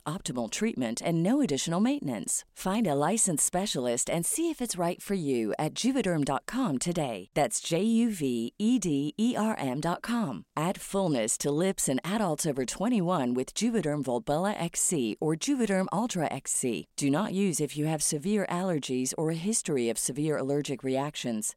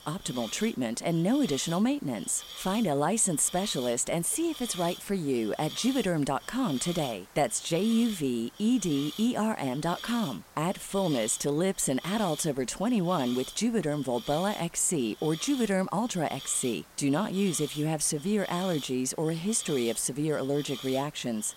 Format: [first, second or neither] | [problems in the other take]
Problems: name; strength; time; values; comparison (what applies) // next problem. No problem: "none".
first | hiss; noticeable; throughout; 15 dB below the speech